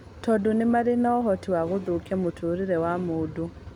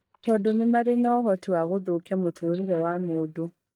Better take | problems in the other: first | noise reduction (neural mask model DeepFilterNet 3)

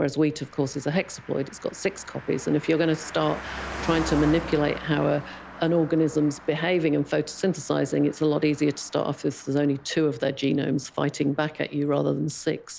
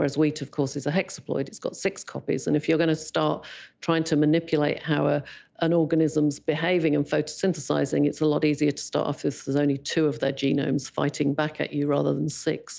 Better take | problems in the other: second | background sound (Car passing by); 15 dB below the speech

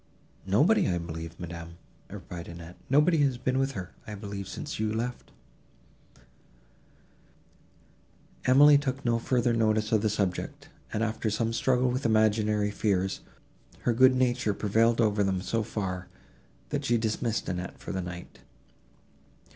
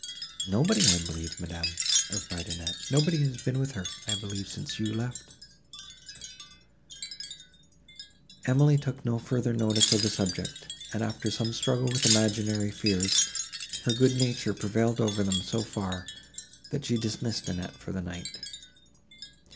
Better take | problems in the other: first | background sound (Wind chime); 4 dB below the speech

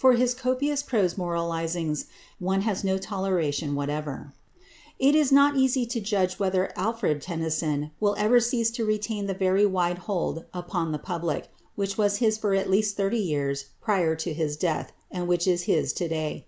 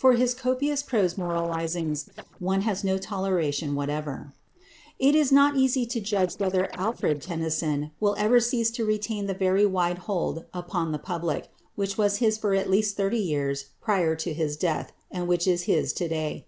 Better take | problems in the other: first | noise reduction (neural separator model SepFormer DNS4)

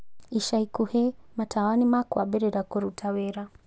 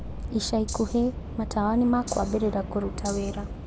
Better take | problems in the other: first | background sound (Rattle (instrument) + Subway, metro, underground / Train); 7 dB below the speech

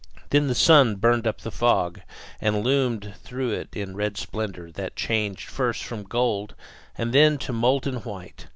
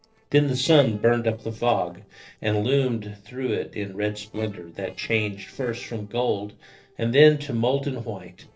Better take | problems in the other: first | noise reduction (neural separator model SepFormer DNS4)

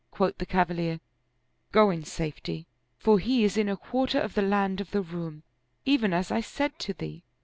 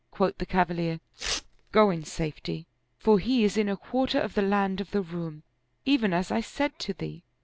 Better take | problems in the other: first | background sound (Tearing); 11 dB below the speech

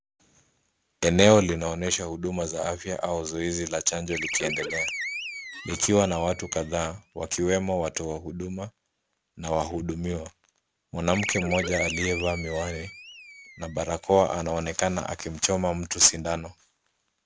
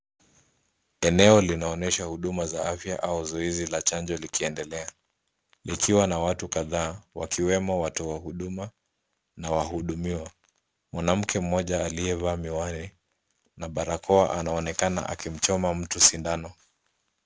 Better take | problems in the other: second | background sound (Animal); 8 dB below the speech

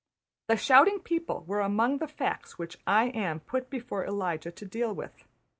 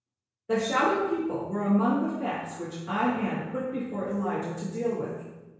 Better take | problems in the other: first | room echo; dies away in 1 s

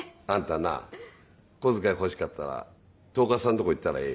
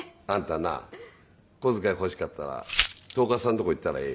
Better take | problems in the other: first | background sound (Glass); 3 dB below the speech

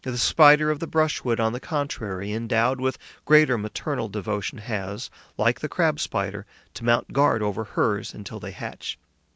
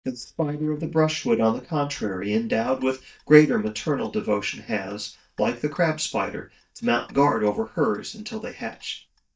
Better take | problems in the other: first | noise reduction (neural mask model DeepFilterNet 3)

